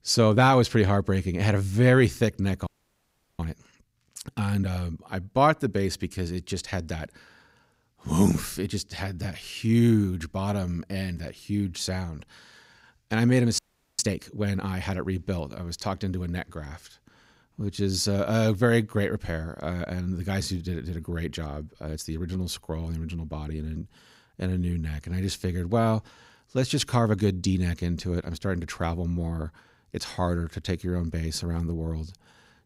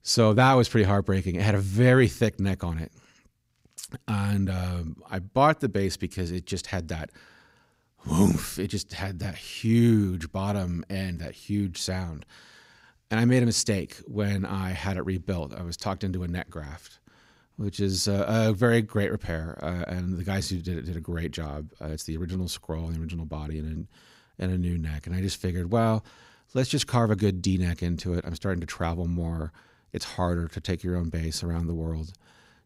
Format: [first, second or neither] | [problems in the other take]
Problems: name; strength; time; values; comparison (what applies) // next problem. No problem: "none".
second | audio freezing; at 2.5 s for 0.5 s and at 14 s